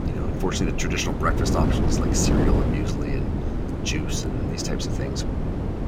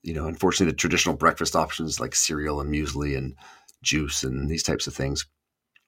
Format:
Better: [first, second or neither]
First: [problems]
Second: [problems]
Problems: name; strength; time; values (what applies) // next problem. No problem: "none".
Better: second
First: wind noise on the microphone; heavy; 2 dB below the speech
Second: none